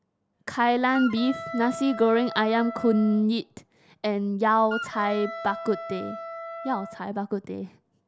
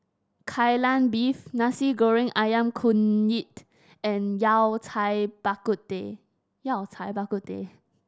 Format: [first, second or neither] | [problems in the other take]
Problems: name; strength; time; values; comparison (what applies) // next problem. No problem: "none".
second | background sound (Wind instrument, woodwind instrument); 11 dB below the speech